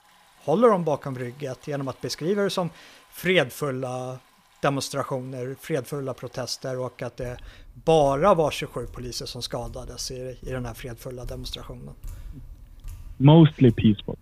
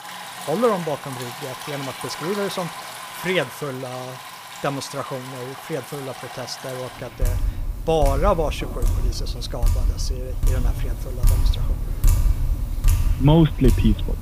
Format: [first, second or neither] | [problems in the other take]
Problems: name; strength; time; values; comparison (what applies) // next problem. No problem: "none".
first | rain or running water; loud; throughout; 2 dB below the speech; faint in the first